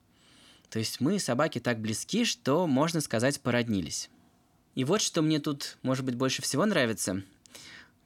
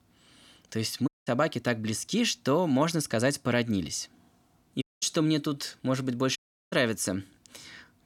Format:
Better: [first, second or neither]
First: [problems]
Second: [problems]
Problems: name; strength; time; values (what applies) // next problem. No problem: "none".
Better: first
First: none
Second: audio cutting out; at 1 s, at 5 s and at 6.5 s